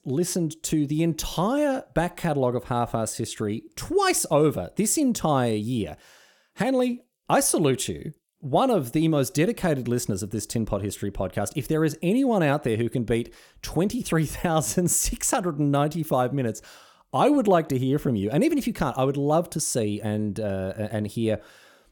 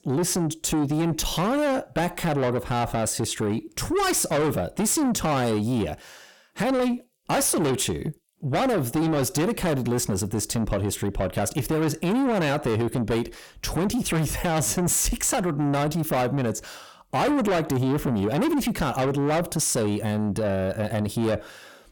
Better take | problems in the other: first | distortion; heavy; 7 dB below the speech

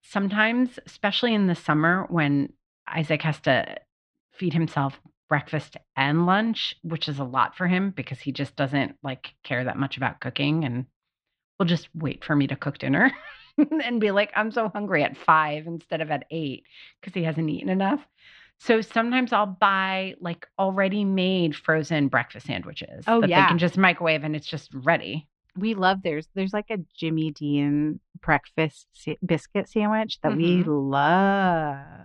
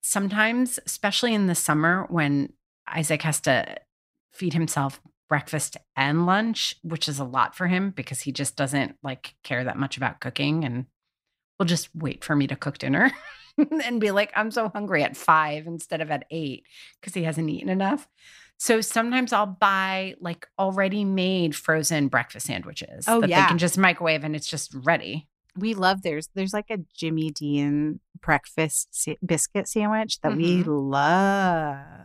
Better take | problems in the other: second | muffled; slightly; fading above 3.5 kHz

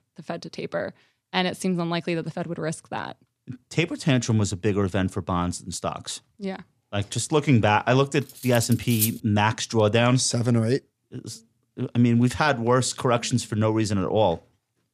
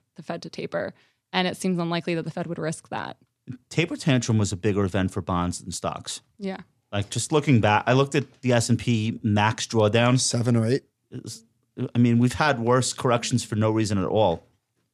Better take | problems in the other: second | clattering dishes; noticeable; at 8.5 s; peak 2 dB below the speech

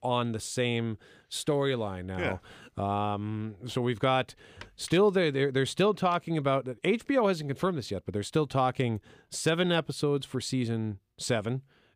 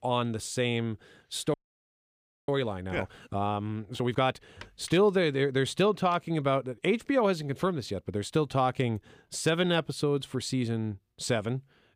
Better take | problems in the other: first | audio freezing; at 1.5 s for 1 s

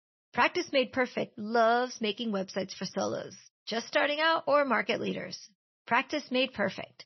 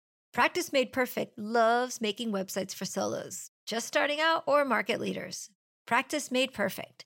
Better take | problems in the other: second | garbled, watery; slightly; nothing above 6 kHz

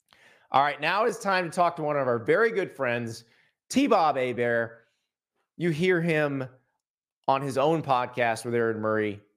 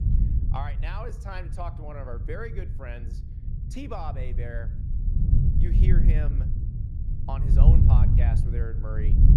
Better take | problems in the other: first | wind noise on the microphone; heavy; 1 dB below the speech

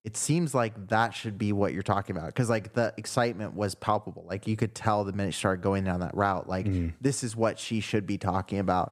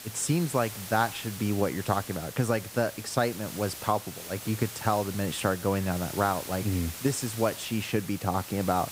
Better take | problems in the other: first | hiss; loud; throughout; 10 dB below the speech

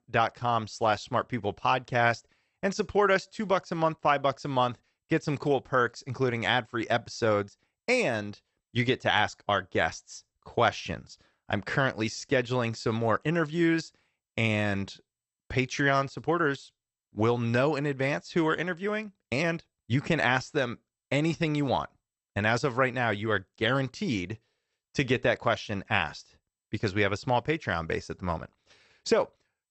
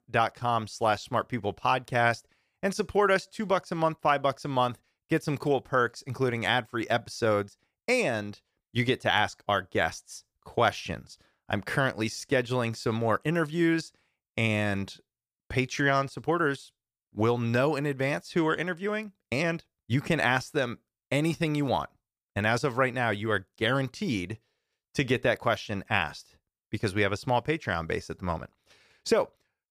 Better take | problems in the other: second | garbled, watery; slightly; nothing above 8 kHz

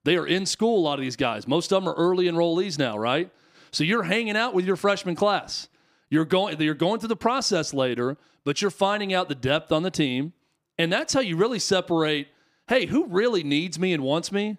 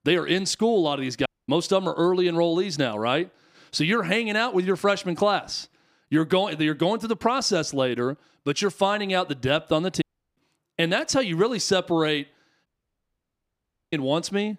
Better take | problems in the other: first | audio cutting out; at 1.5 s, at 10 s and at 13 s for 1.5 s

